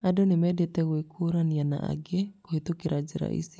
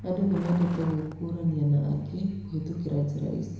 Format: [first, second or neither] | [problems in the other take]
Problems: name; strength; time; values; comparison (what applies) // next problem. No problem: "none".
first | background sound (Truck); 14 dB below the speech // room echo; dies away in 1 s